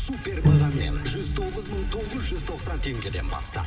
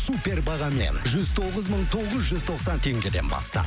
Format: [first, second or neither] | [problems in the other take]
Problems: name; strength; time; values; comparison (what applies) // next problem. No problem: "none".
second | background sound (Bowed string instrument); 3 dB above the speech // room echo; dies away in 2.1 s